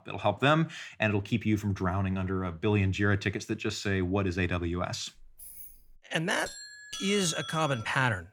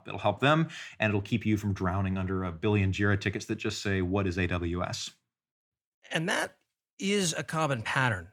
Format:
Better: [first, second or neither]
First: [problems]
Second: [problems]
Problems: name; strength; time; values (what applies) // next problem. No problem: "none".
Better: second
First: jangling keys; faint; at 5 s; peak 15 dB below the speech // doorbell; noticeable; from 6.5 s on; peak 7 dB below the speech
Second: none